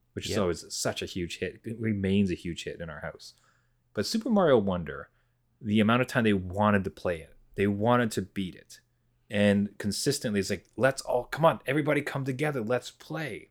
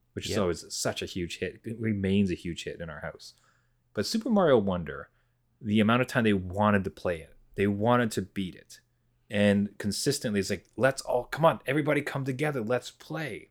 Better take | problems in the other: neither | none

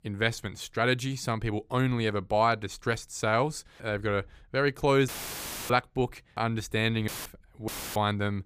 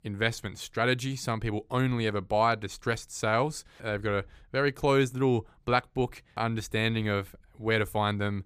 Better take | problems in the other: second | audio cutting out; filled with static; at 5 s for 0.5 s, at 7 s and at 7.5 s

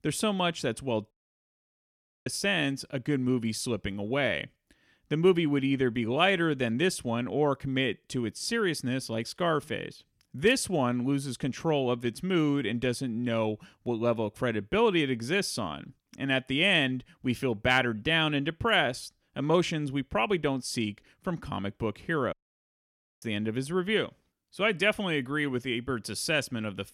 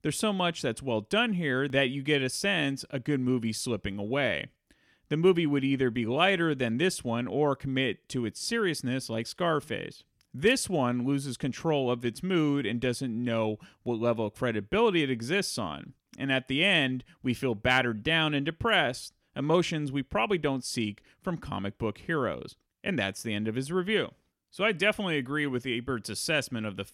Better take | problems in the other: second | audio cutting out; at 1 s for 1 s and at 22 s for 1 s

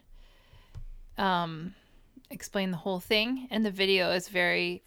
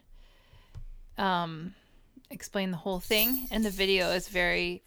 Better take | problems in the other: first | jangling keys; loud; from 3 s on; peak 1 dB above the speech

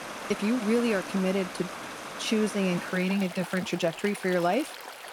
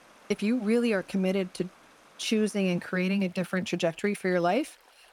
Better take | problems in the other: second | rain or running water; loud; throughout; 10 dB below the speech; faint in the second

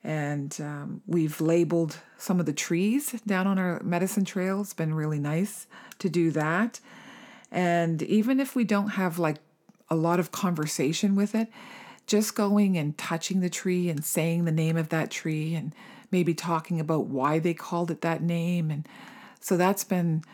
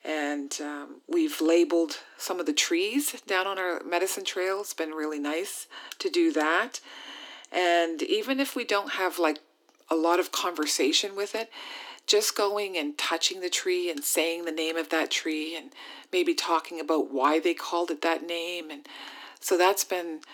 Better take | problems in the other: first | thin; somewhat; fading below 300 Hz

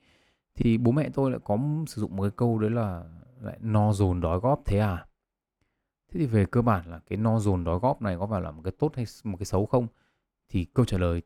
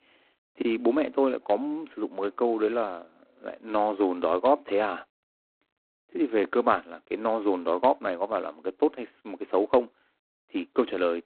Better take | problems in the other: first | phone-call audio; poor line; nothing above 4 kHz

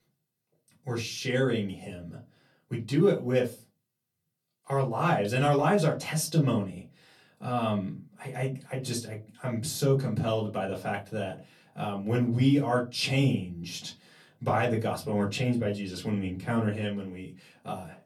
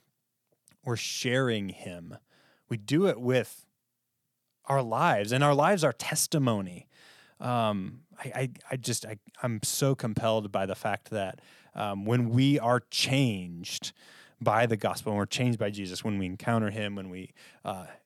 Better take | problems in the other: second | off-mic speech; far // room echo; very slight; dies away in 0.2 s

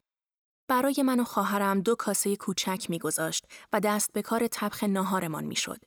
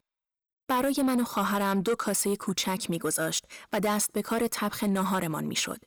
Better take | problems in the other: first | distortion; slight; 10 dB below the speech

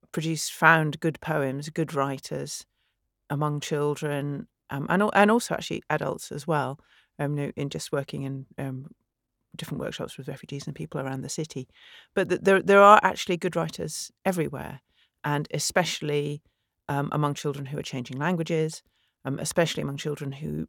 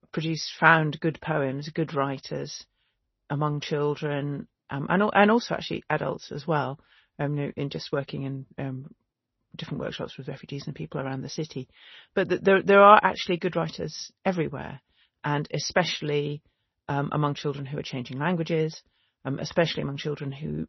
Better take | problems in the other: first | garbled, watery; slightly; nothing above 6 kHz

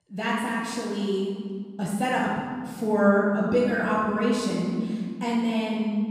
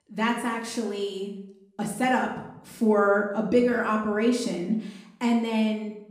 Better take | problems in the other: second | room echo; strong; dies away in 1.9 s; slight in the second // off-mic speech; far; somewhat distant in the second

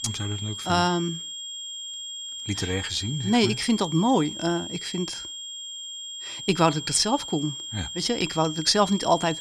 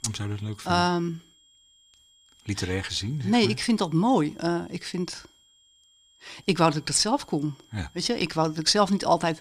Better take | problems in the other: second | high-pitched whine; loud; throughout; 3.5 kHz, 8 dB below the speech; faint in the second

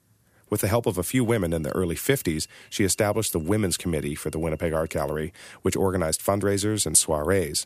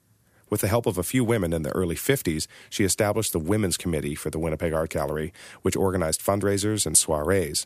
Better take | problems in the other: second | high-pitched whine; faint; from 1 to 5 s; 3 kHz, 35 dB below the speech

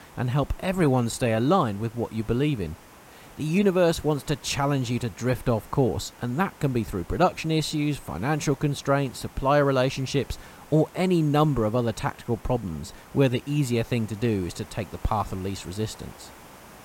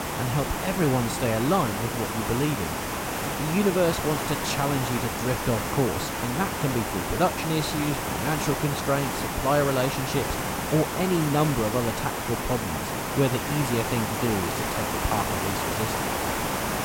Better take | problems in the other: first | hiss; loud; throughout; 1 dB below the speech; faint in the first

